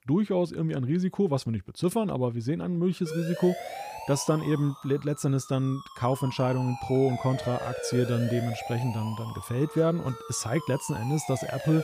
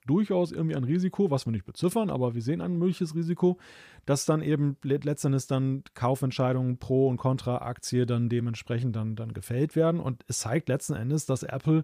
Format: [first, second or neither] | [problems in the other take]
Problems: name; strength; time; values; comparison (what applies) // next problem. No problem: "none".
second | siren; noticeable; from 3 s on; peak 6 dB below the speech